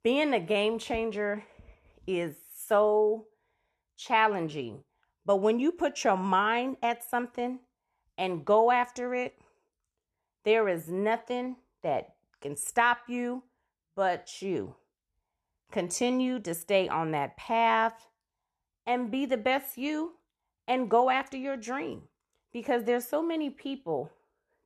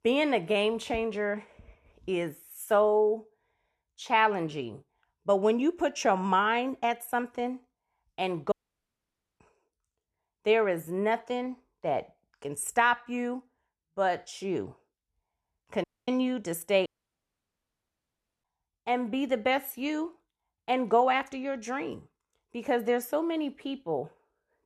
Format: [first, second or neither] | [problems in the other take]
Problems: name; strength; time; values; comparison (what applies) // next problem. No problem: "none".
first | audio cutting out; at 8.5 s for 1 s, at 16 s and at 17 s for 1.5 s